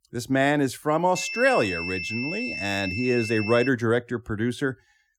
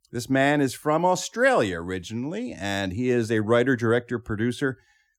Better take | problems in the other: second | high-pitched whine; loud; from 1 to 3.5 s; 2.5 kHz, 5 dB below the speech

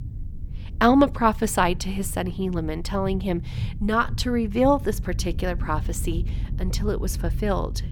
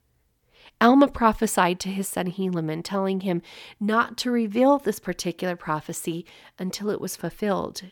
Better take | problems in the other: second | low rumble; faint; throughout; 20 dB below the speech

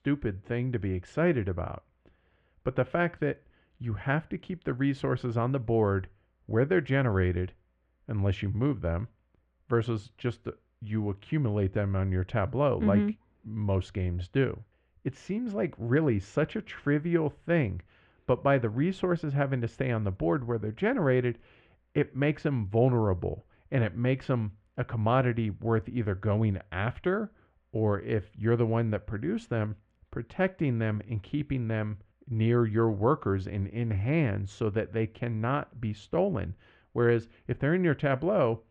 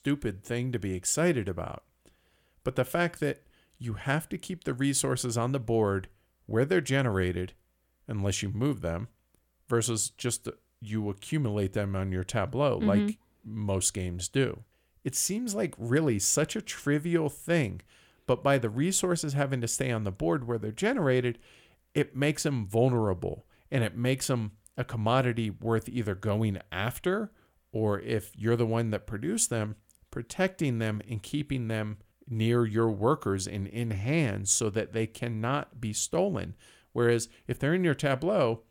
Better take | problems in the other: second | muffled; very; fading above 2.5 kHz

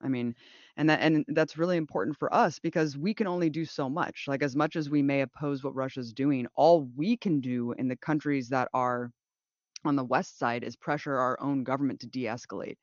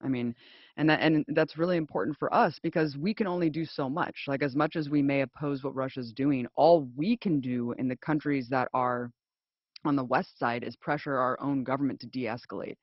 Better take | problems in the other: first | garbled, watery; badly; nothing above 5.5 kHz; slightly in the first

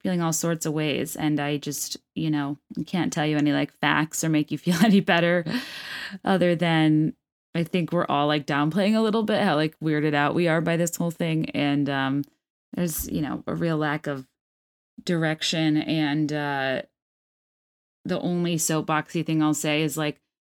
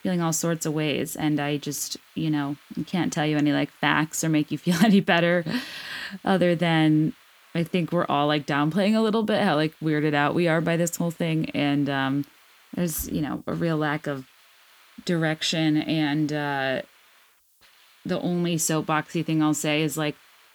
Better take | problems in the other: first | hiss; faint; throughout; 30 dB below the speech

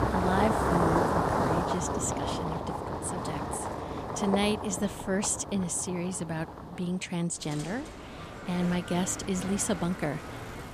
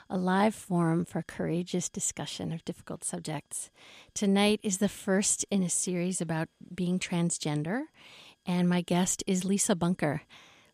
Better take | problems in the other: second | traffic noise; loud; throughout; 1 dB below the speech

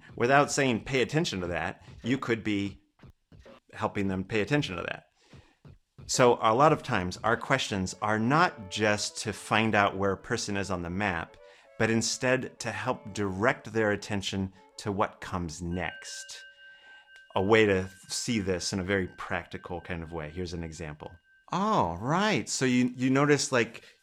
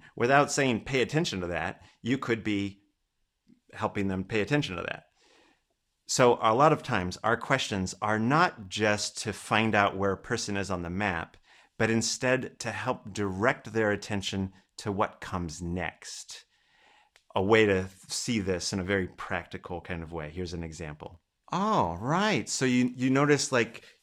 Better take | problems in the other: second | background music; faint; throughout; 25 dB below the speech

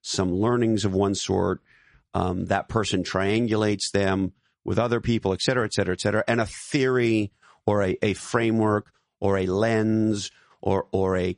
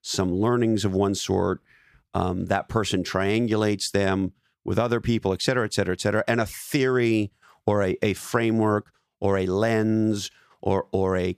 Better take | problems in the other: second | garbled, watery; slightly; nothing above 10.5 kHz

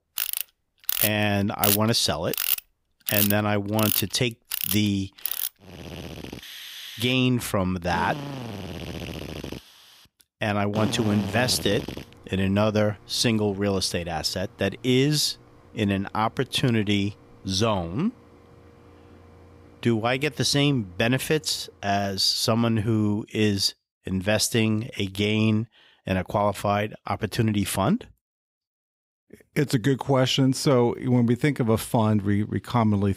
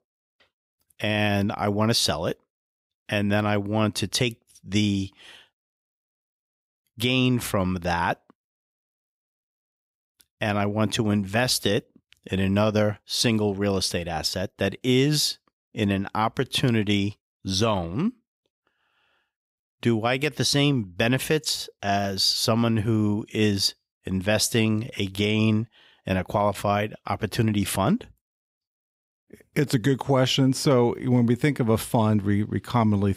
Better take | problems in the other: second | machinery noise; loud; until 22 s; 5 dB below the speech

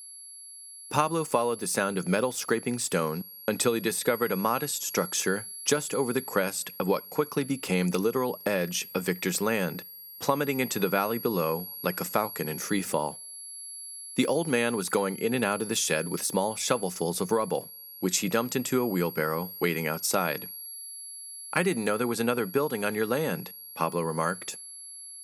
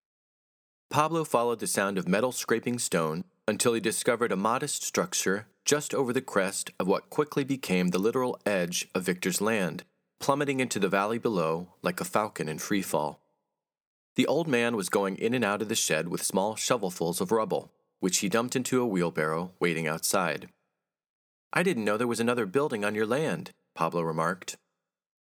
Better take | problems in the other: second | high-pitched whine; noticeable; throughout; 11 kHz, 10 dB below the speech

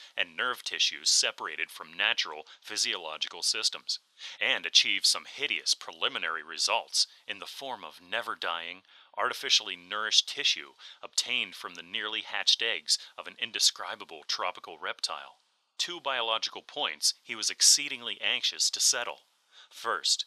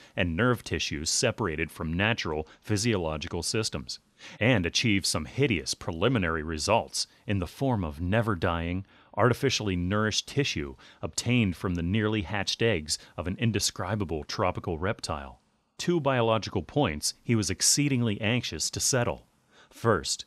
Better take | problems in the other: second | thin; very; fading below 900 Hz

